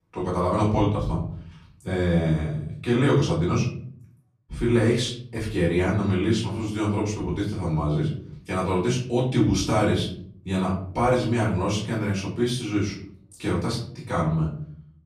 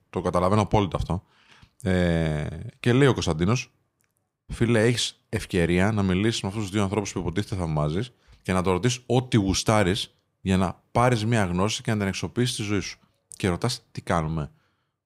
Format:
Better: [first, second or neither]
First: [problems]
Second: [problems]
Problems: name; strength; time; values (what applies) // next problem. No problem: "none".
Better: second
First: off-mic speech; far // room echo; slight; dies away in 0.7 s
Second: none